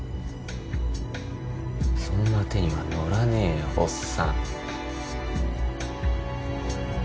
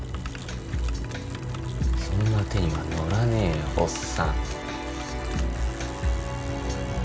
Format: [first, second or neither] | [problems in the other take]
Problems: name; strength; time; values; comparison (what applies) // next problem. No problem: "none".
first | background sound (Bicycle); 18 dB below the speech